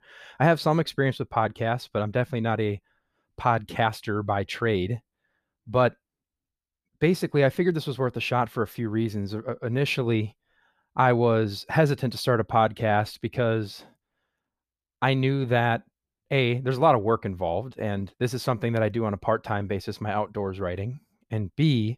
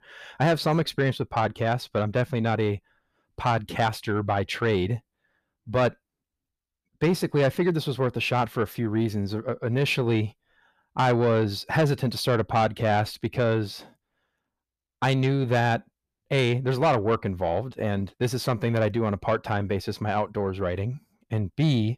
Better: first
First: none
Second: distortion; slight; 10 dB below the speech

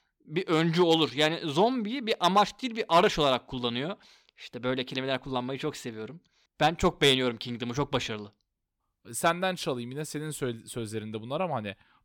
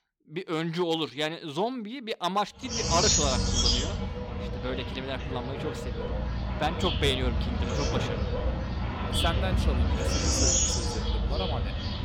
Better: first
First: none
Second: animal sounds; very loud; from 2.5 s on; 4 dB above the speech

